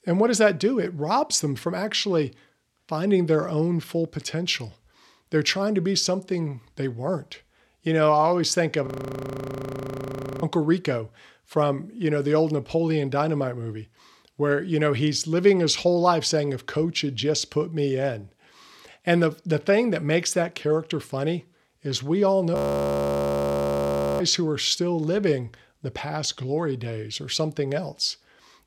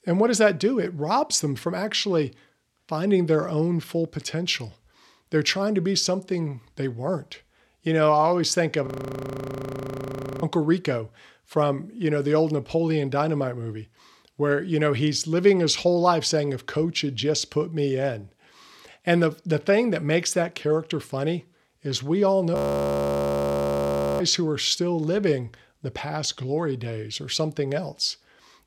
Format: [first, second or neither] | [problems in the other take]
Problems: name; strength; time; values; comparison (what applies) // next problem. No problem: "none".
neither | audio freezing; at 9 s for 1.5 s and at 23 s for 1.5 s; the same in both